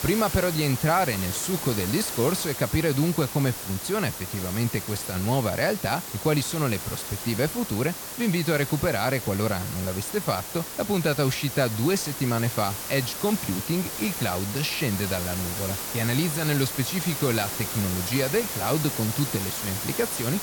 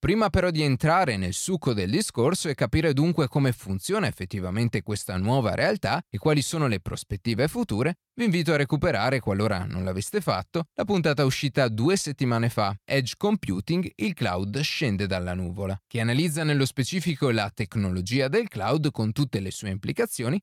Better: second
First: hiss; loud; throughout; 5 dB below the speech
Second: none

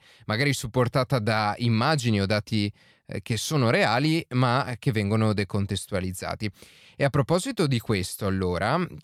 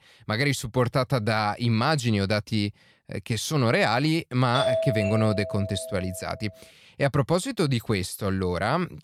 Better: first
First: none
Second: doorbell; loud; from 4.5 to 6 s; peak level with the speech

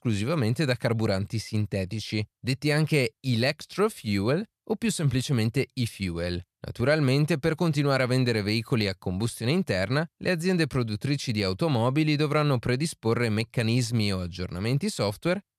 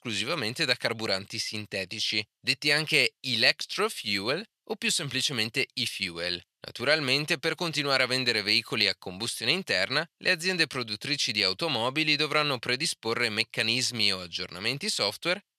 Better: first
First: none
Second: thin; somewhat; fading below 650 Hz

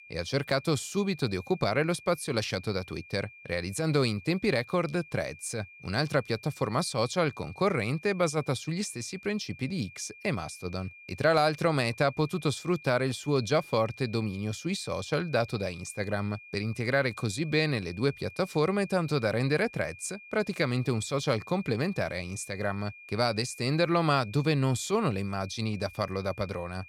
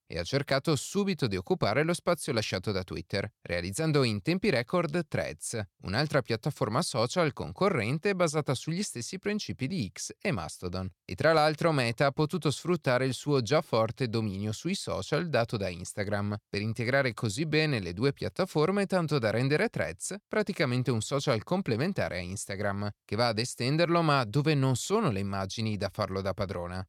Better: second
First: high-pitched whine; noticeable; throughout; 2.5 kHz, 20 dB below the speech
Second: none

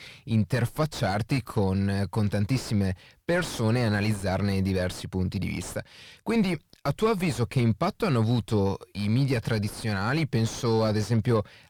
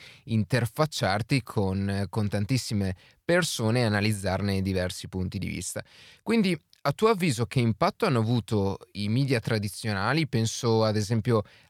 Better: second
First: distortion; slight; 9 dB below the speech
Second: none

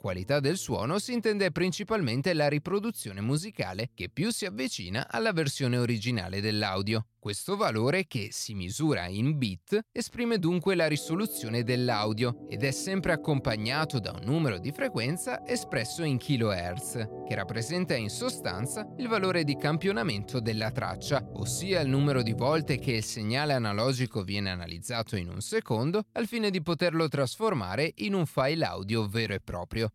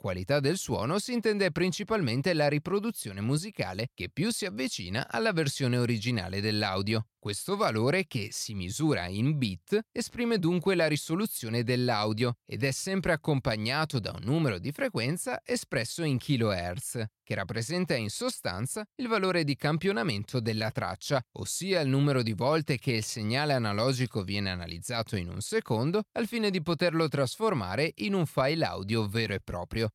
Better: second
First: background music; noticeable; throughout; 15 dB below the speech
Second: none

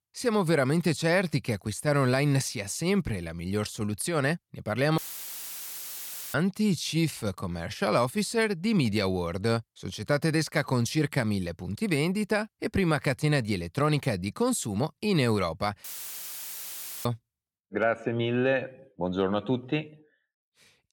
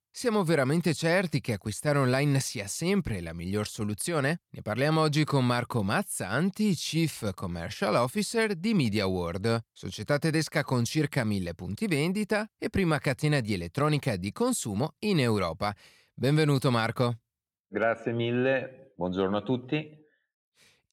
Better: second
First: audio cutting out; filled with static; at 5 s for 1.5 s and at 16 s for 1 s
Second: none

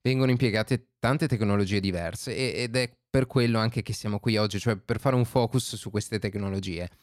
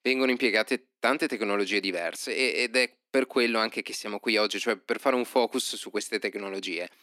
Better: first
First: none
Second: thin; somewhat; fading below 250 Hz

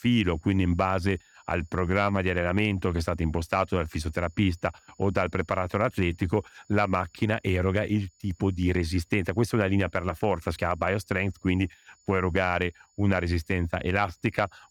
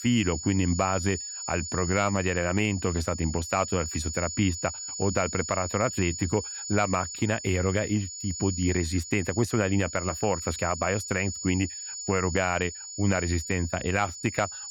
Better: first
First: high-pitched whine; faint; throughout; 7 kHz, 35 dB below the speech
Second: high-pitched whine; loud; throughout; 7 kHz, 7 dB below the speech

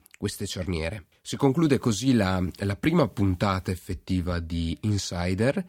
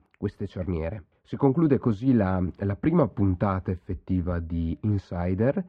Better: first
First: none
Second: muffled; very; fading above 3.5 kHz

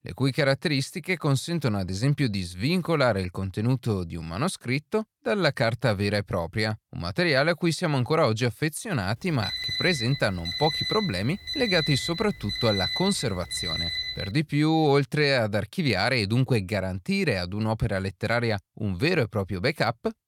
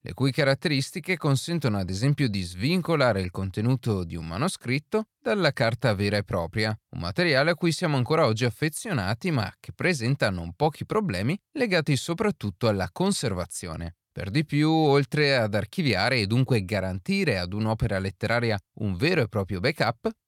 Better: second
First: alarm; noticeable; from 9.5 to 14 s; peak 1 dB below the speech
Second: none

